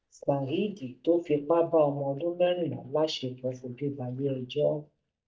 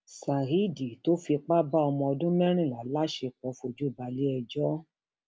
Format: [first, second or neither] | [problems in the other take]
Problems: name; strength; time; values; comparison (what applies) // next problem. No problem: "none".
second | noise reduction (neural mask model DeepFilterNet 3)